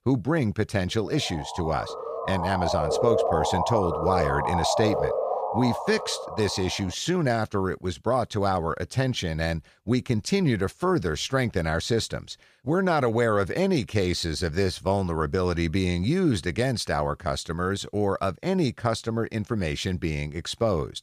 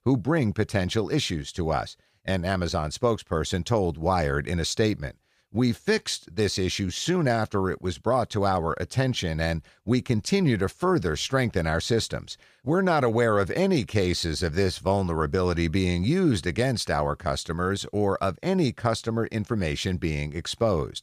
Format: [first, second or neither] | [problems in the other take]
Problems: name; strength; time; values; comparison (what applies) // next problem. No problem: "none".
second | siren; loud; from 1 to 6.5 s; peak 2 dB above the speech